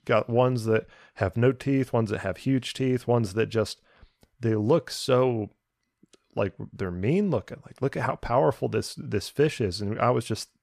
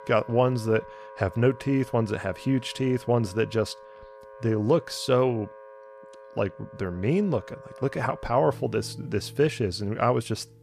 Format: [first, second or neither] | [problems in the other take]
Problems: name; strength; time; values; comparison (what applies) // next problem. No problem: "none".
first | background music; noticeable; throughout; 20 dB below the speech